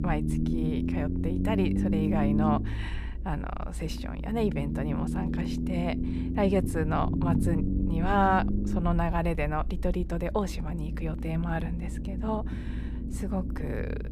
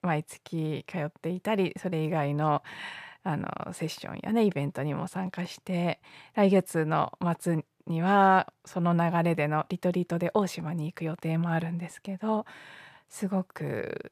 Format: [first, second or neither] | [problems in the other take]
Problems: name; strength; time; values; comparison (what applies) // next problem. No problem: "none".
second | low rumble; loud; throughout; 6 dB below the speech